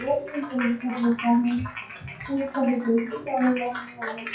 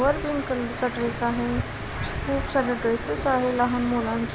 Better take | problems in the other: second | noise reduction (classical method WPE with log-MMSE)

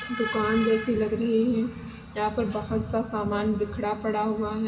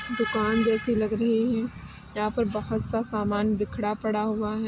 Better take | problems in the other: second | room echo; dies away in 2.1 s

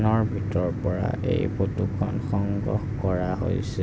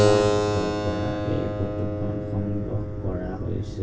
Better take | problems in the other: first | background sound (Keyboard (musical)); 1 dB above the speech // room echo; dies away in 0.2 s

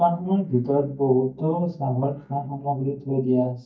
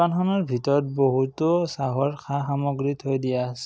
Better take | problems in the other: second | noise reduction (neural mask model DeepFilterNet 3)

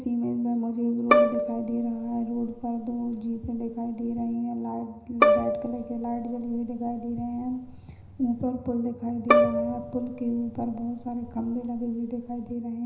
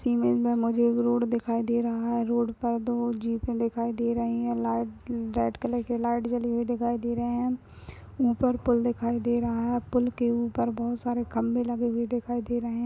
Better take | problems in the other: second | background sound (Bowed string instrument); 1 dB above the speech // room echo; dies away in 0.9 s

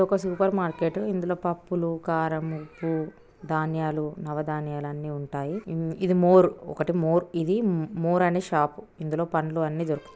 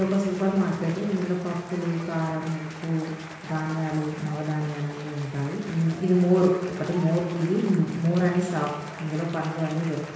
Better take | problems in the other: first | background sound (Applause / Cheering); 16 dB below the speech // room echo; dies away in 1.1 s

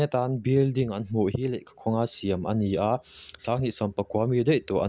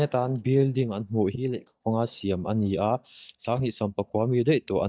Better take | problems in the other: first | noise reduction (neural mask model DeepFilterNet 3)

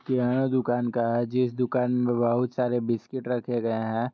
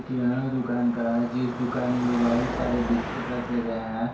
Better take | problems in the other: first | background sound (Car passing by / Traffic noise, roadway noise / Engine); 8 dB below the speech // room echo; dies away in 0.3 s

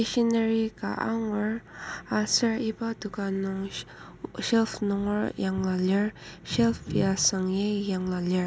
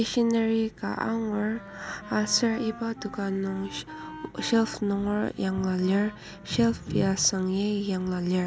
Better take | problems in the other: first | background sound (Wind instrument, woodwind instrument); 19 dB below the speech

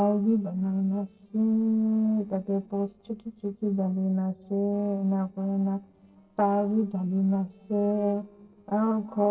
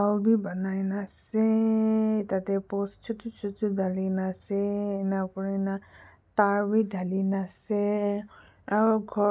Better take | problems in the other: second | noise reduction (neural separator model SepFormer DNS4)

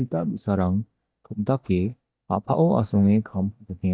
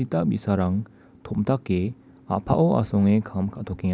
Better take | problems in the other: second | noise reduction (neural mask model DeepFilterNet 3)

